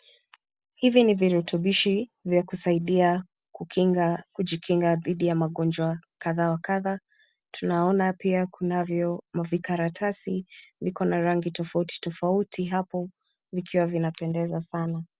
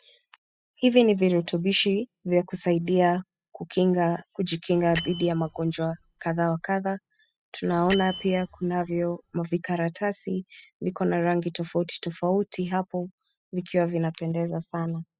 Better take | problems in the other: first | noise reduction (classical method spectral subtraction)

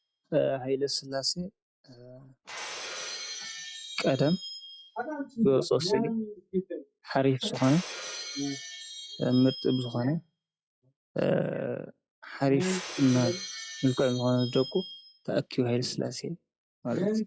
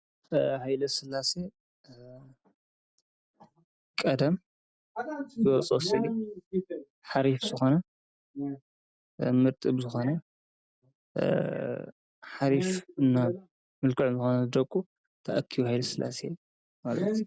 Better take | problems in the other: second | noise reduction (classical method log-MMSE)

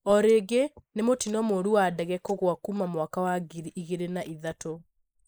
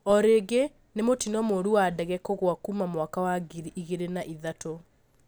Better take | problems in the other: second | noise reduction (neural mask model Resemble Enhance denoiser)

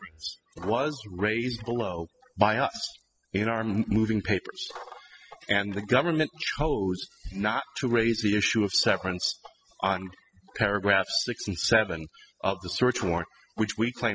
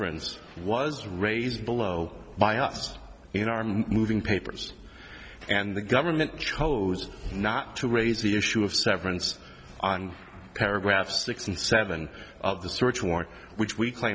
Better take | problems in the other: second | noise reduction (classical method spectral subtraction)

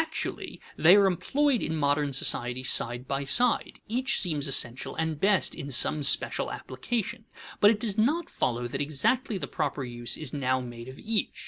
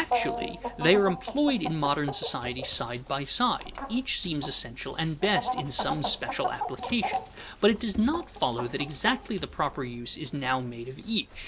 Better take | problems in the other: first | background sound (Chicken, rooster); 7 dB below the speech

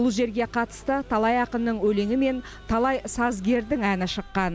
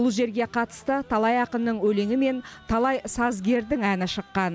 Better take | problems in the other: second | background sound (Engine starting); 20 dB below the speech

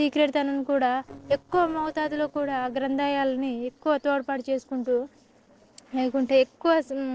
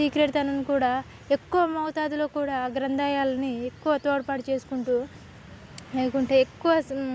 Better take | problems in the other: second | noise reduction (neural separator model SepFormer DNS4)

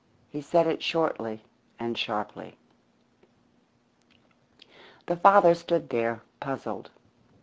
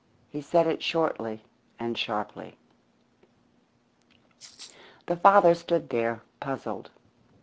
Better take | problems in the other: first | background sound (Rattle (instrument)); 20 dB below the speech

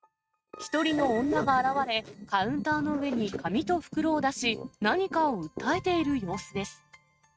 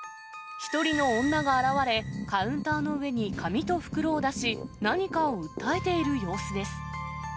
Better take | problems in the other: second | noise reduction (neural mask model RNNoise)

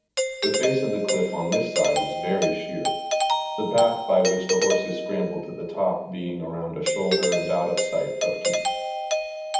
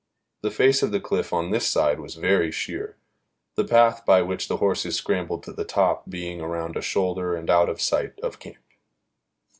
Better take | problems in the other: second | background sound (Doorbell); as loud as the speech // room echo; dies away in 0.8 s

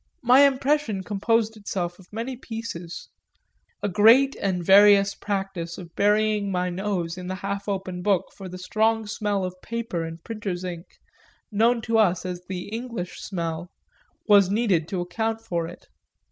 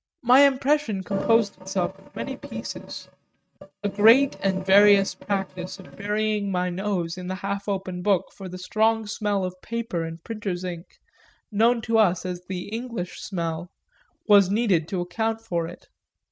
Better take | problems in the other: first | noise reduction (neural mask model RNNoise)

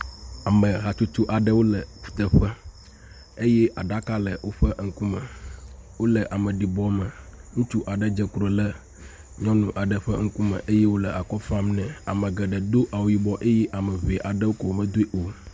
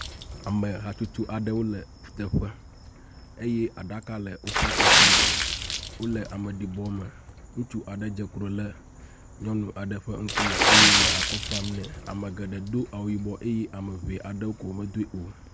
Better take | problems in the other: first | background sound (Water / Splash, splatter); 4 dB above the speech

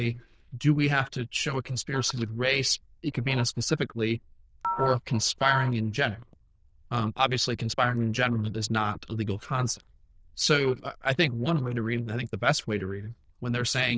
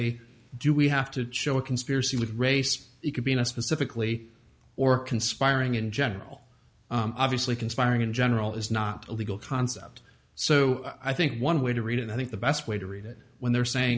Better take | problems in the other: second | noise reduction (neural diffusion model UNIVERSE++)

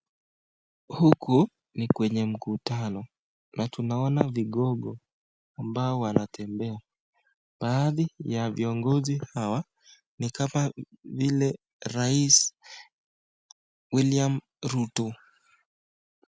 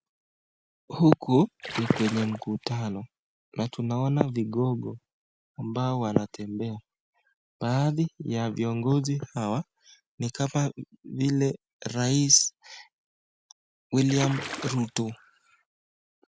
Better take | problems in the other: first | background sound (Splash, splatter); 9 dB below the speech

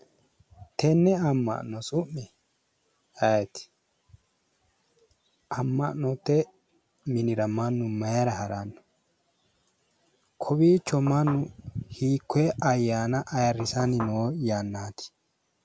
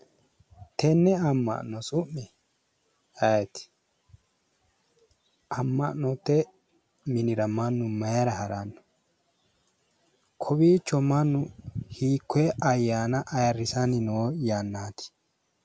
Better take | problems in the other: second | background sound (Knock / Wood); 10 dB below the speech

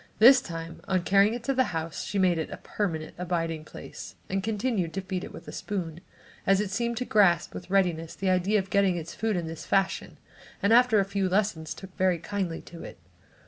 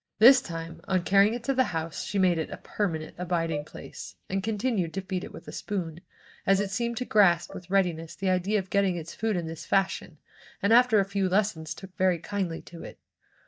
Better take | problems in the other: first | noise reduction (neural mask model DeepFilterNet 3)

